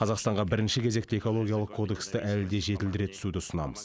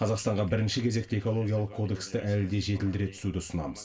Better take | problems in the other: first | room echo; dies away in 0.2 s

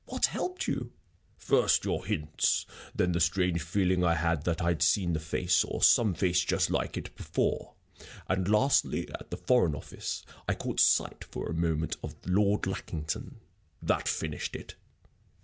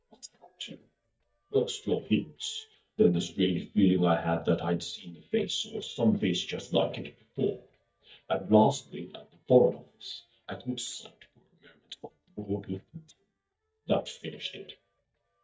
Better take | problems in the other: first | noise reduction (neural mask model DeepFilterNet 3)

